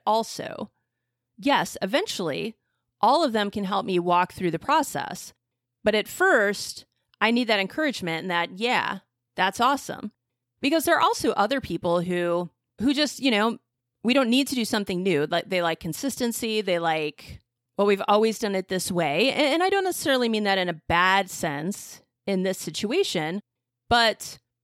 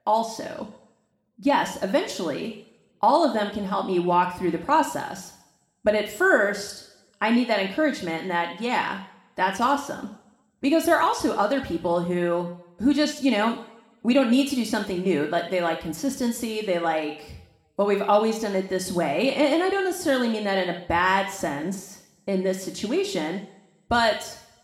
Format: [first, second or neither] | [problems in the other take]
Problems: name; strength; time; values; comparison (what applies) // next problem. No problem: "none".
first | room echo; slight; dies away in 0.7 s // off-mic speech; somewhat distant